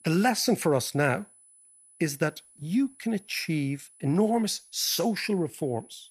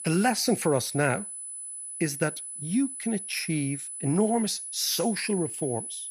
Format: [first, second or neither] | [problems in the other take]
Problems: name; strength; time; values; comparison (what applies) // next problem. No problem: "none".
first | high-pitched whine; loud; throughout; 10 kHz, 7 dB below the speech; faint in the first